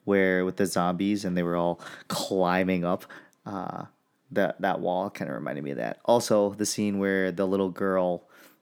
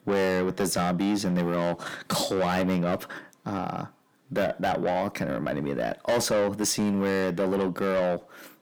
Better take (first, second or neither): first